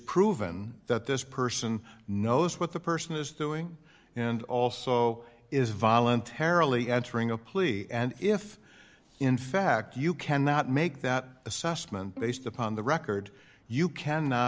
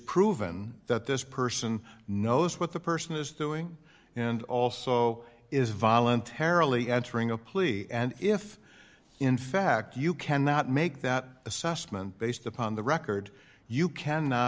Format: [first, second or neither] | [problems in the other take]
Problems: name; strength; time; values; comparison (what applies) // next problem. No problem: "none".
second | background sound (Bowed string instrument); 19 dB below the speech